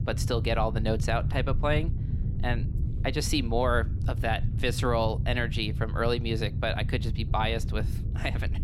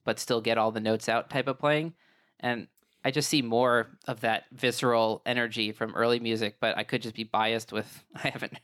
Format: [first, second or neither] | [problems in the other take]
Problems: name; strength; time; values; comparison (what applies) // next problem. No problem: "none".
second | low rumble; noticeable; throughout; 15 dB below the speech